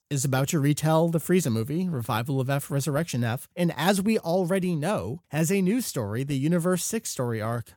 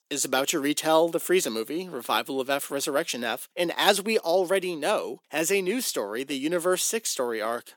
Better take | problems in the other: first | thin; somewhat; fading below 300 Hz

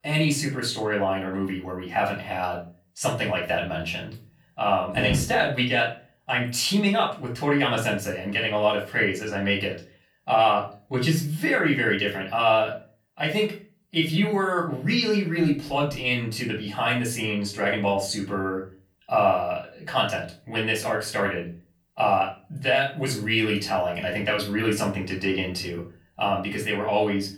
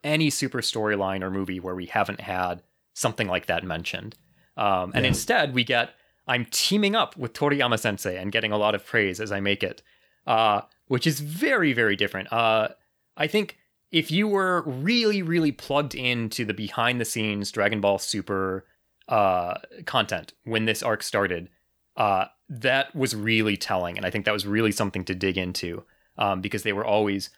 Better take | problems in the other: second | off-mic speech; far // room echo; slight; dies away in 0.3 s

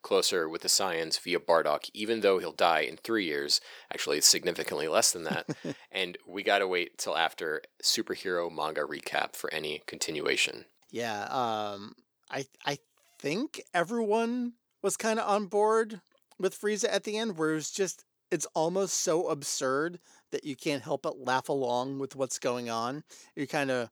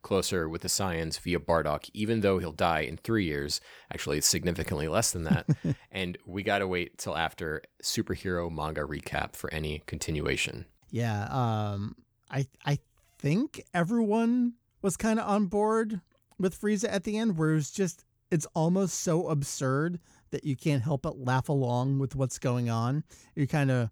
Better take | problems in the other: second | thin; somewhat; fading below 400 Hz

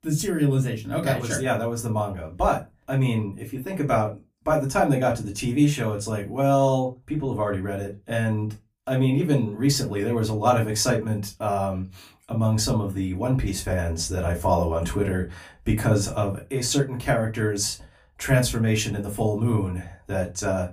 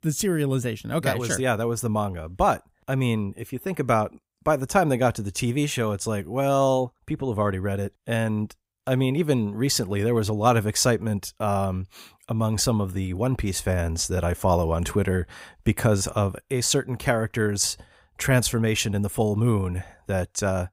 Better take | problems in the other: second | off-mic speech; far // room echo; very slight; dies away in 0.2 s

